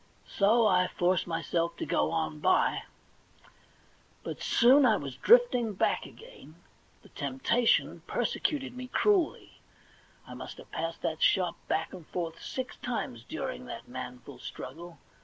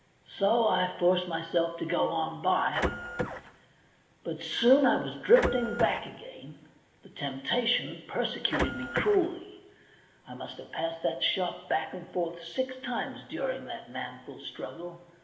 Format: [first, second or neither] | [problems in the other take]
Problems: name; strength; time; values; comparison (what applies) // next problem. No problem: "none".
first | background sound (Printer); 3 dB below the speech // room echo; dies away in 1.1 s